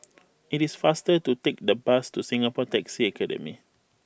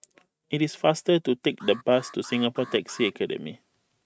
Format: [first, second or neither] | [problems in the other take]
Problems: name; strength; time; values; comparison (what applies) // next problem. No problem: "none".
first | noise reduction (neural mask model RNNoise)